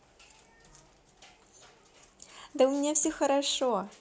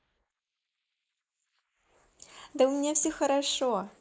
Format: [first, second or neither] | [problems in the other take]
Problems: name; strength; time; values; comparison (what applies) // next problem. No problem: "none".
first | noise reduction (neural mask model Resemble Enhance denoiser)